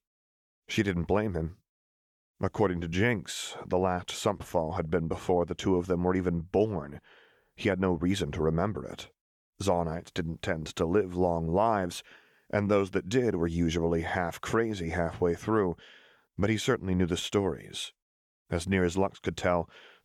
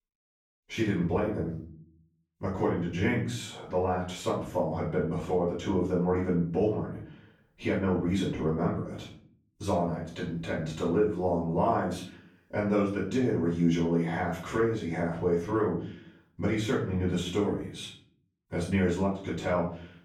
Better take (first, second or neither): first